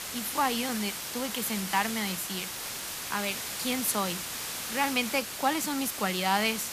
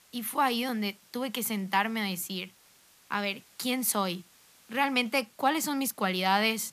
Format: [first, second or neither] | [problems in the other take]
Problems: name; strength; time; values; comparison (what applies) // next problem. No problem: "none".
second | hiss; loud; throughout; 4 dB below the speech; faint in the second